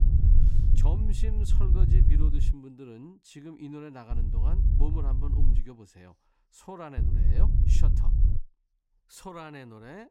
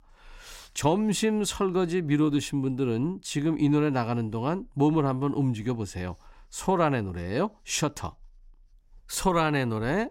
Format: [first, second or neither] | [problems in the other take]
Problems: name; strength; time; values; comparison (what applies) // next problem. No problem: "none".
second | wind noise on the microphone; heavy; until 2.5 s, from 4 to 5.5 s and from 7 to 8.5 s; as loud as the speech